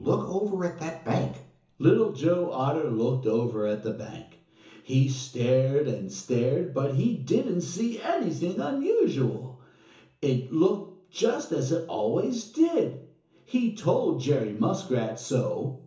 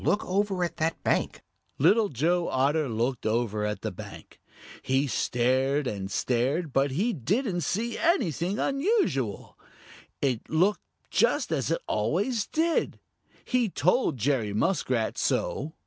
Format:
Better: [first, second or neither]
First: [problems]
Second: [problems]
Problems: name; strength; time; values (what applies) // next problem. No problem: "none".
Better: second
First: room echo; dies away in 0.7 s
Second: none